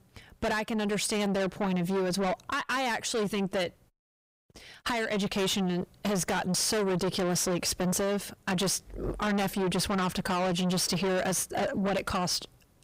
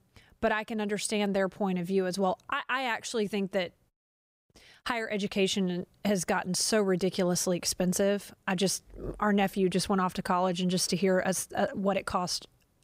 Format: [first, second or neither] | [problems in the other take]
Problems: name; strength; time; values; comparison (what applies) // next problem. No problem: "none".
second | distortion; heavy; 6 dB below the speech